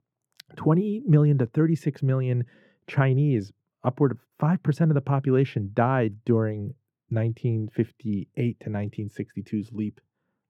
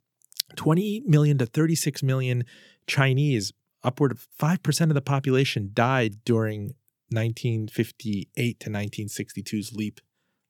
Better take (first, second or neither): second